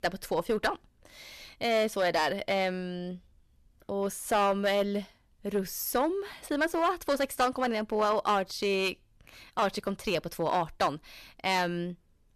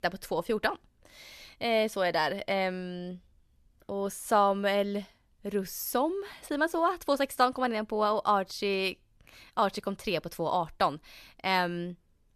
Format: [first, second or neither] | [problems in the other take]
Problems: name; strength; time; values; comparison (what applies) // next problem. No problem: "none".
second | distortion; slight; 4% of the sound clipped